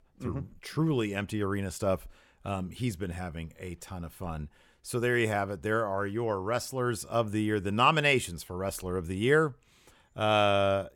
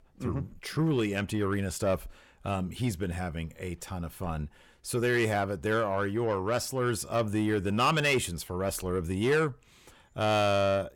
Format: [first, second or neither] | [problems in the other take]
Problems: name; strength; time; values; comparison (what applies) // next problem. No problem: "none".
first | distortion; slight; 10 dB below the speech